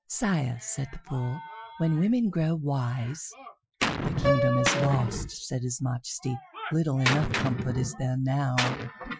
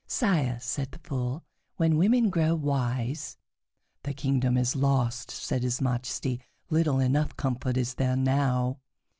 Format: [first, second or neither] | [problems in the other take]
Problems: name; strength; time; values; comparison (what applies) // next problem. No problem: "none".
second | noise reduction (classical method Wiener filter)